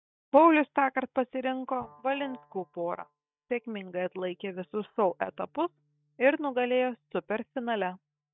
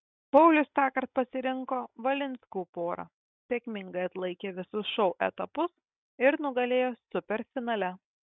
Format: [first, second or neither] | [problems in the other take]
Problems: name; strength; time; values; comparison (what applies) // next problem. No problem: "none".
second | noise reduction (neural mask model DeepFilterNet 3)